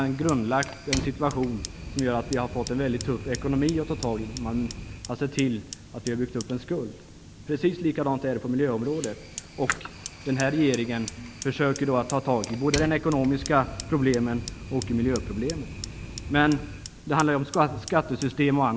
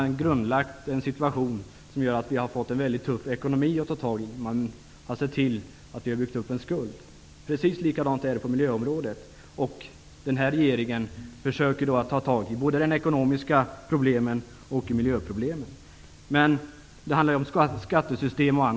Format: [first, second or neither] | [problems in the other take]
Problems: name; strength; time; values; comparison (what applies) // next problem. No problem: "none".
second | background sound (Fire); 11 dB below the speech